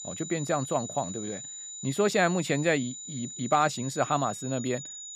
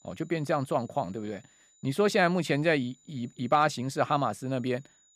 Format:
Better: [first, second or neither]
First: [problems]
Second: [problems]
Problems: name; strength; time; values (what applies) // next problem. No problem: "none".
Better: second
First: high-pitched whine; loud; throughout; 7 kHz, 9 dB below the speech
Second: high-pitched whine; faint; throughout; 7 kHz, 30 dB below the speech